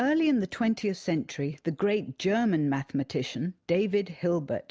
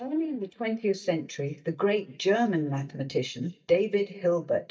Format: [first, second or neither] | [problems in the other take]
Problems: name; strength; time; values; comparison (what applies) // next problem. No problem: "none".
first | noise reduction (neural mask model DeepFilterNet 3)